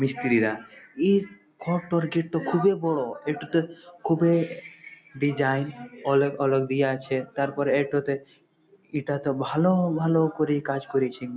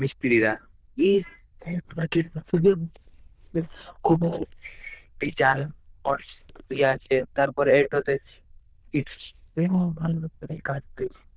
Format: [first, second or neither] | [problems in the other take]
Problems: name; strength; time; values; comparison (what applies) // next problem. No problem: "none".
first | noise reduction (neural diffusion model UNIVERSE++)